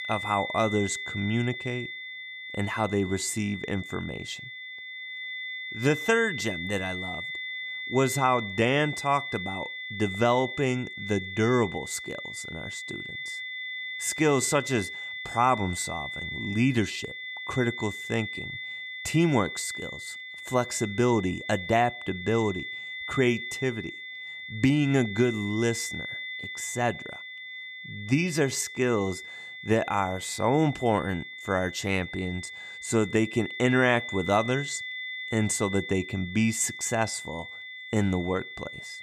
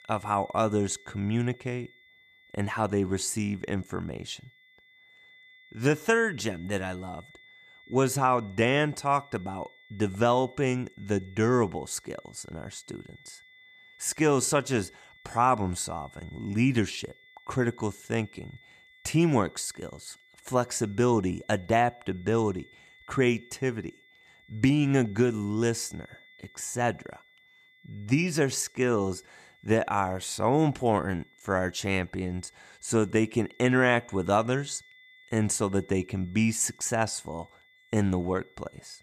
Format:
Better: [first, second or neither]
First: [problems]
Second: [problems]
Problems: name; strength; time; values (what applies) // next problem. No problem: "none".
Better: second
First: high-pitched whine; loud; throughout; 2 kHz, 8 dB below the speech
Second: high-pitched whine; faint; throughout; 2 kHz, 25 dB below the speech